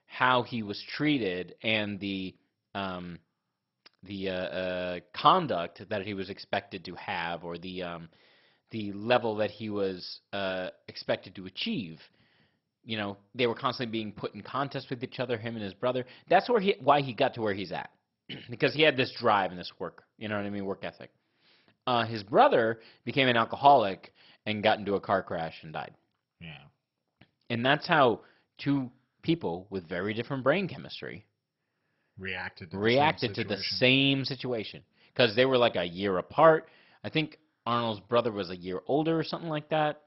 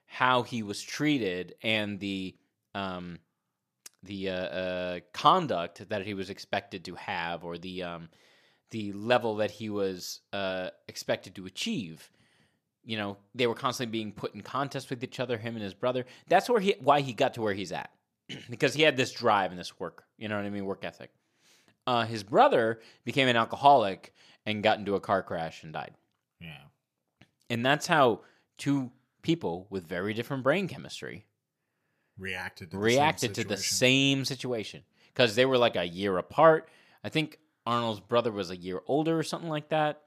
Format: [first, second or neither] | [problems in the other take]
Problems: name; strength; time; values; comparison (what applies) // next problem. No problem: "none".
second | garbled, watery; badly; nothing above 5.5 kHz